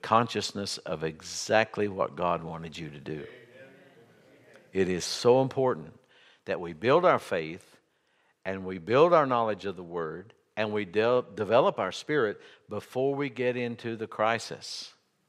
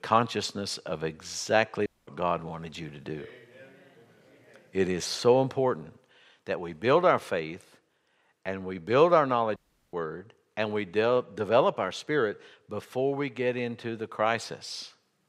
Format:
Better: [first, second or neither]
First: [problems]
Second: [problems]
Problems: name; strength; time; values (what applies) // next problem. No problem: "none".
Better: first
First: none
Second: audio cutting out; at 2 s and at 9.5 s